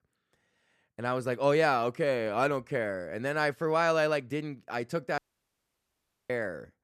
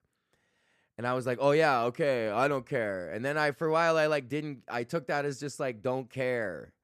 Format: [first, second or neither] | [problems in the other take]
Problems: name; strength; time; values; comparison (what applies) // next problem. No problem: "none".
second | audio cutting out; at 5 s for 1 s